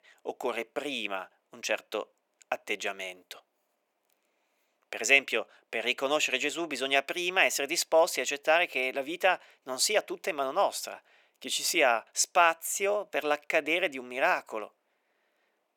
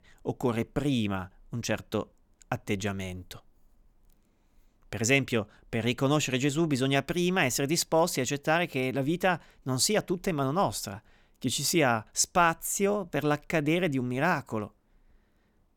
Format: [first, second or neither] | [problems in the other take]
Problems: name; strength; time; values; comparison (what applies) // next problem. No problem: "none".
second | thin; very; fading below 400 Hz